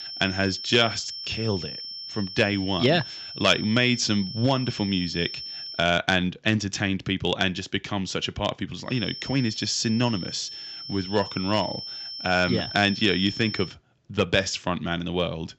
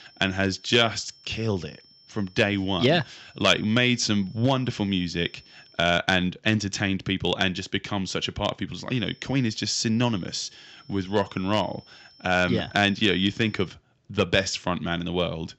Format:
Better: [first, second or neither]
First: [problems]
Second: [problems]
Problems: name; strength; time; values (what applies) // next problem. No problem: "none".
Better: second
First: high-pitched whine; loud; until 6 s and from 9 to 14 s; 5.5 kHz, 9 dB below the speech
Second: high-pitched whine; faint; until 6 s and from 9 to 14 s; 5.5 kHz, 30 dB below the speech